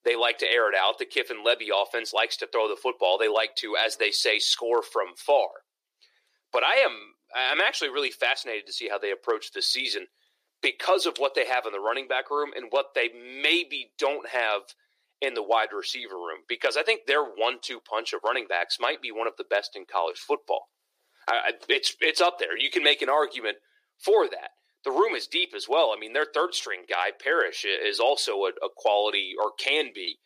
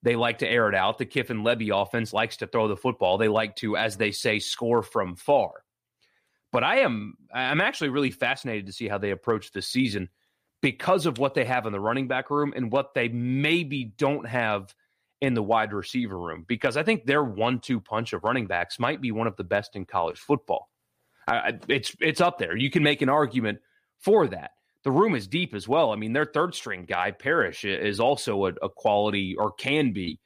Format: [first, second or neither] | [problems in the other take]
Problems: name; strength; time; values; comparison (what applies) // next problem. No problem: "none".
second | thin; very; fading below 350 Hz